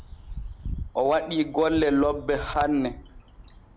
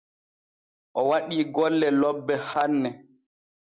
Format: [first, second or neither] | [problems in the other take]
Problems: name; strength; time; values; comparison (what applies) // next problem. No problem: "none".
second | background sound (Bird); 12 dB below the speech